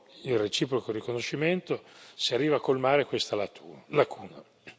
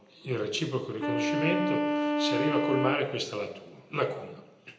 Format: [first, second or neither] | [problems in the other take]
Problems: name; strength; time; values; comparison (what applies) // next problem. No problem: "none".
first | background sound (Wind instrument, woodwind instrument); 1 dB above the speech // room echo; dies away in 0.8 s